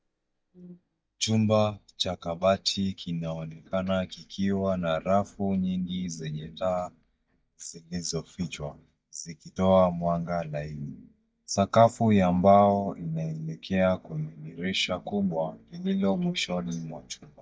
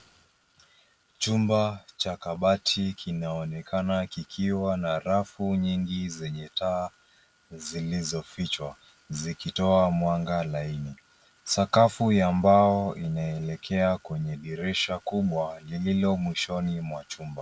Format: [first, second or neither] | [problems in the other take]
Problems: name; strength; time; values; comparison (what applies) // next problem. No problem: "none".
second | noise reduction (neural mask model DeepFilterNet 3)